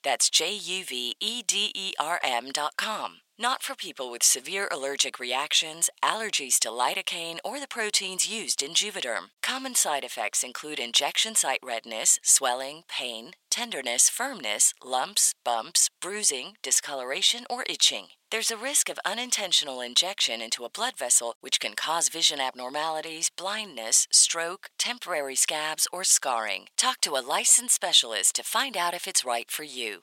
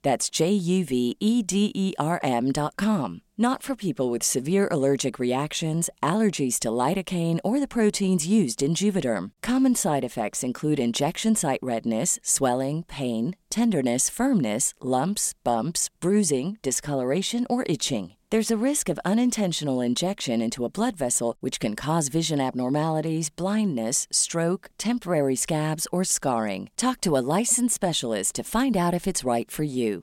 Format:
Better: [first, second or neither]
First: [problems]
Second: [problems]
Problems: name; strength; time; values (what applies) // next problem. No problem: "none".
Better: second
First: thin; very; fading below 950 Hz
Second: none